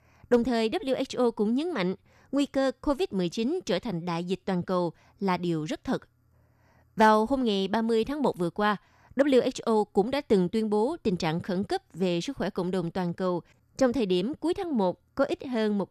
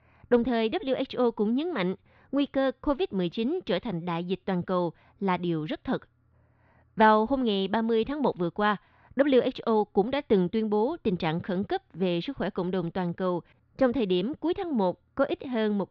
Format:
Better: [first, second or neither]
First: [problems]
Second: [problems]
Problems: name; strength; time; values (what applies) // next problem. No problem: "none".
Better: first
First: none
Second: muffled; slightly; fading above 4 kHz